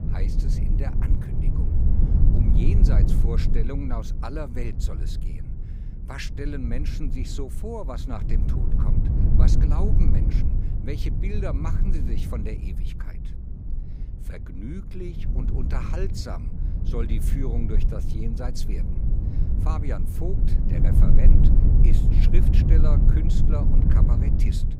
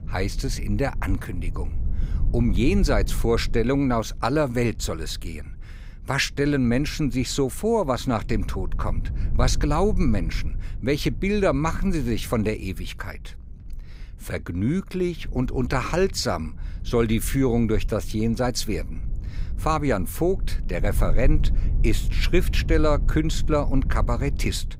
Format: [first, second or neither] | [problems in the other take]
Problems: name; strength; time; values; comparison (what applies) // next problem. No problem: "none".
second | low rumble; loud; throughout; as loud as the speech; faint in the second